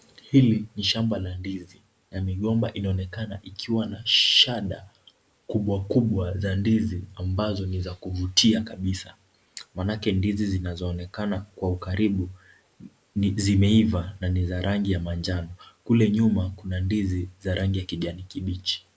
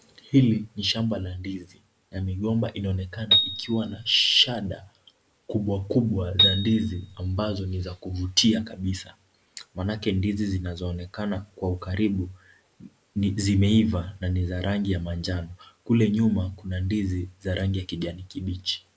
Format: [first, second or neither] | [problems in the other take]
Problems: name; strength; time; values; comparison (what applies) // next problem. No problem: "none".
first | background sound (Piano); 1 dB below the speech